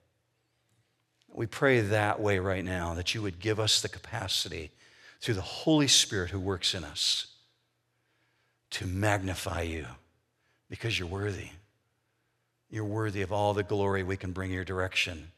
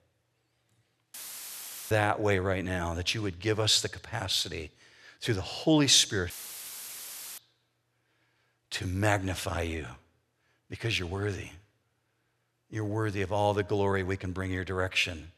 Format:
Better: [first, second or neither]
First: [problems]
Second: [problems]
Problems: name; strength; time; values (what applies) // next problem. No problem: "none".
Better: first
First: none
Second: audio cutting out; filled with static; at 1 s for 1 s and at 6.5 s for 1 s